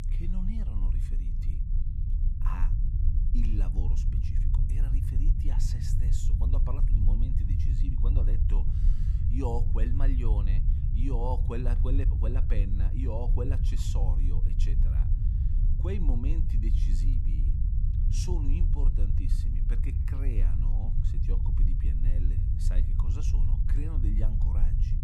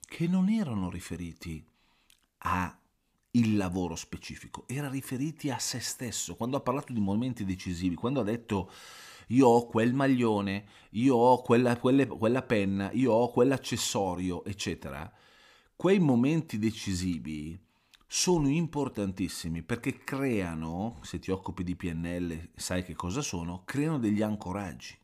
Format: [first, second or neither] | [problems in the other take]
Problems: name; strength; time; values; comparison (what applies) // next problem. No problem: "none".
second | low rumble; loud; throughout; 3 dB below the speech